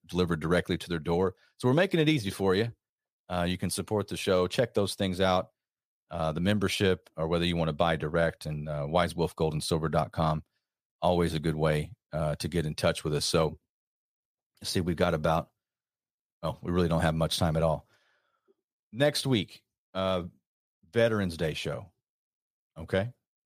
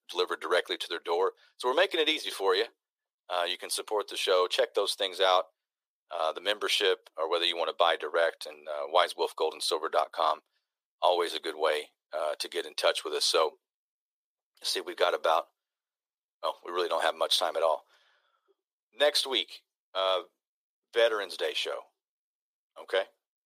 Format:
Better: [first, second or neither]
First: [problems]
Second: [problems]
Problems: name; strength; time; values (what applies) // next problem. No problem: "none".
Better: first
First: none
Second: thin; very; fading below 400 Hz